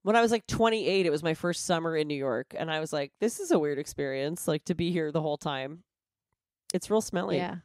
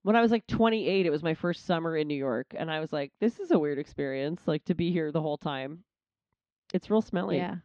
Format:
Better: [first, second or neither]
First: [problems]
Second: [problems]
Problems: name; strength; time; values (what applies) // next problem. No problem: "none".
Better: first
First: none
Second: muffled; slightly; fading above 4 kHz